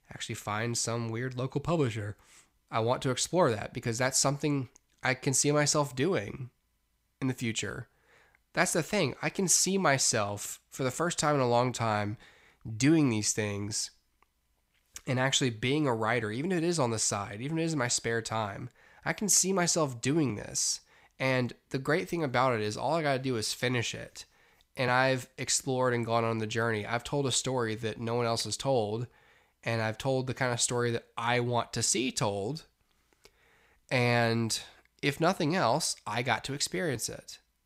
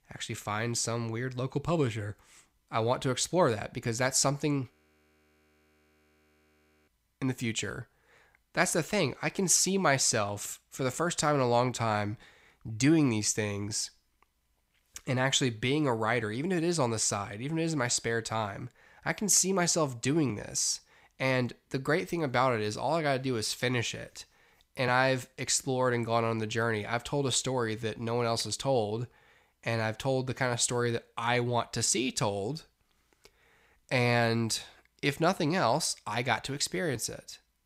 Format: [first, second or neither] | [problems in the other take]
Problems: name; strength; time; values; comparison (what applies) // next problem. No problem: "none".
first | audio freezing; at 4.5 s for 2 s